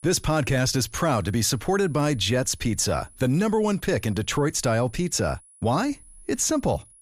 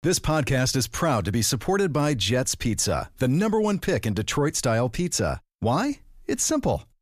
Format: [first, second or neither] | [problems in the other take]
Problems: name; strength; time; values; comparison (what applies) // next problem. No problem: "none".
second | high-pitched whine; faint; throughout; 10.5 kHz, 25 dB below the speech